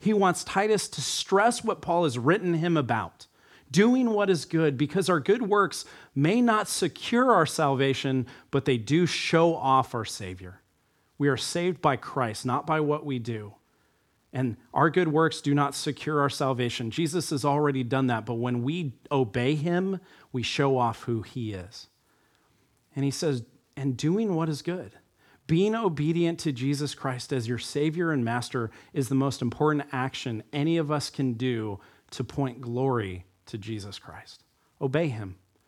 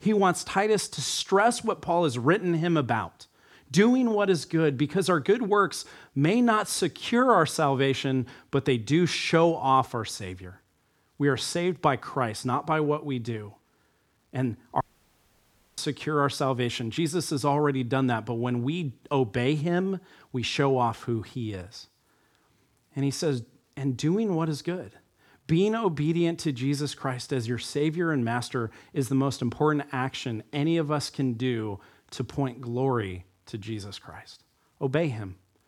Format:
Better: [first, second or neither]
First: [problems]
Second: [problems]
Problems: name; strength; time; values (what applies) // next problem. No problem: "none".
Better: first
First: none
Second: audio cutting out; at 15 s for 1 s